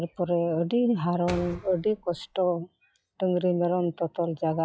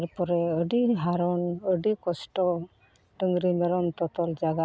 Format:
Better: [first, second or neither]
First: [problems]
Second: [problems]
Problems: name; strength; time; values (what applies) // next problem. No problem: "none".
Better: second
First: noise reduction (classical method log-MMSE)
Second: none